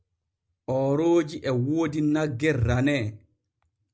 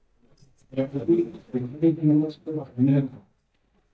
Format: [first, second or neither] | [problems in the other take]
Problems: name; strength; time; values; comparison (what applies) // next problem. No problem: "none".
first | noise reduction (neural mask model DeepFilterNet 3)